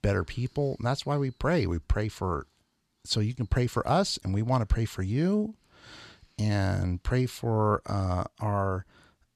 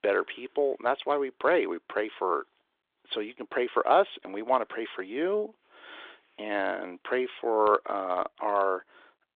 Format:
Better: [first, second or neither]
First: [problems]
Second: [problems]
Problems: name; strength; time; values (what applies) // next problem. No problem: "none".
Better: first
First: none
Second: phone-call audio